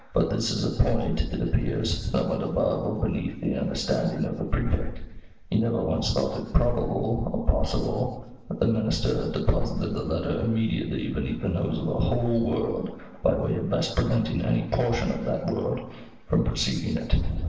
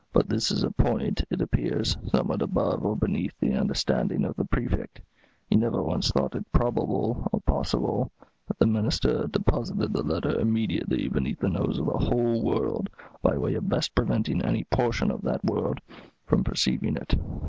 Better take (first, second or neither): second